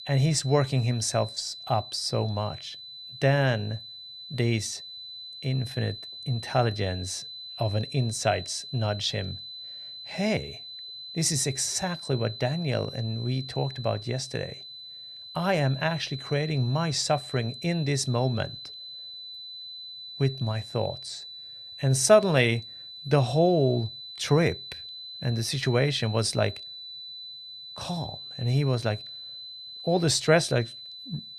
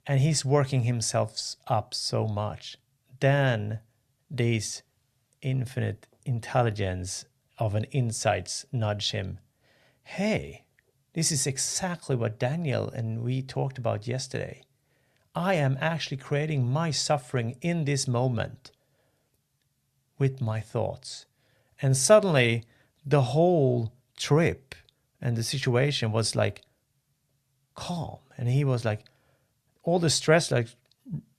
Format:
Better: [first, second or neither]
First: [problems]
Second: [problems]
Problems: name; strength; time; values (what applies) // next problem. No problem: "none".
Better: second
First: high-pitched whine; noticeable; throughout; 4 kHz, 10 dB below the speech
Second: none